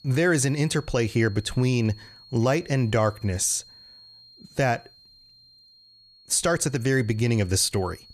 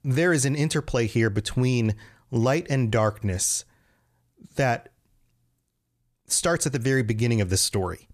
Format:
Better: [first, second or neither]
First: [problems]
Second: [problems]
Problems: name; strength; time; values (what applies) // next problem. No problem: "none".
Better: second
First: high-pitched whine; faint; throughout; 4 kHz, 25 dB below the speech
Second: none